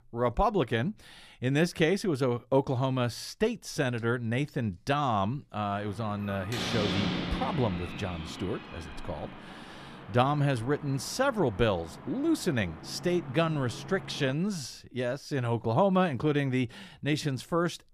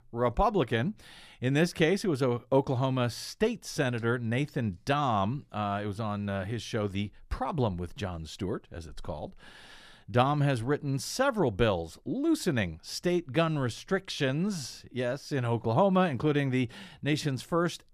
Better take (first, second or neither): second